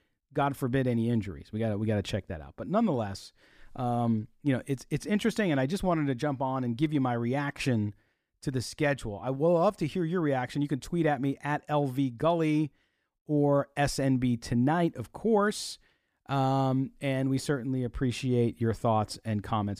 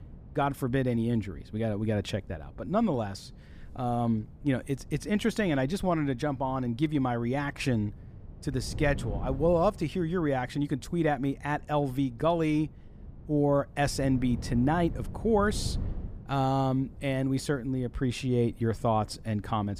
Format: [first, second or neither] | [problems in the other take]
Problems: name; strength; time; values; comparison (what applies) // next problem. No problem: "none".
first | wind noise on the microphone; occasional gusts; 25 dB below the speech